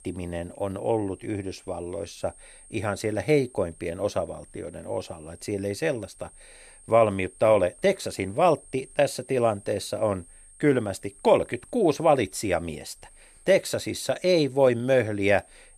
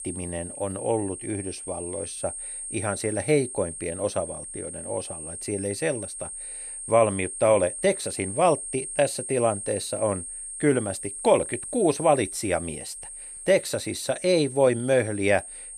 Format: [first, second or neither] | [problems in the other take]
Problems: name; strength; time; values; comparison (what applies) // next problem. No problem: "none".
first | high-pitched whine; loud; throughout; 8.5 kHz, 8 dB below the speech; faint in the first